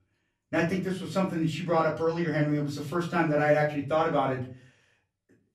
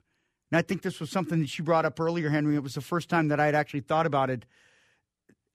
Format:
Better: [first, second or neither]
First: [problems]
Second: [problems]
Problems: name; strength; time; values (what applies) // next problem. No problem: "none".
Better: second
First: off-mic speech; far // room echo; slight; dies away in 0.3 s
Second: none